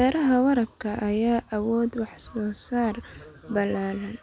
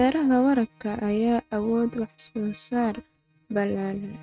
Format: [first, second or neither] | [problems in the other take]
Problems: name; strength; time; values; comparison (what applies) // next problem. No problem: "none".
first | noise reduction (neural mask model RNNoise)